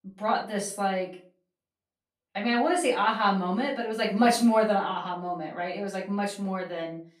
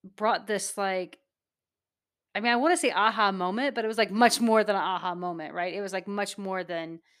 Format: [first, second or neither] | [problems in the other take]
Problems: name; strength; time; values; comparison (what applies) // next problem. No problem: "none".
second | room echo; slight; dies away in 0.3 s // off-mic speech; far